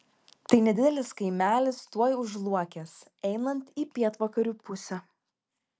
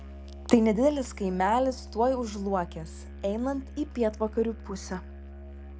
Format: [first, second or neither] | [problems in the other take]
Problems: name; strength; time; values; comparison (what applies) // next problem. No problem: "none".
first | background sound (Musical instrument); 13 dB below the speech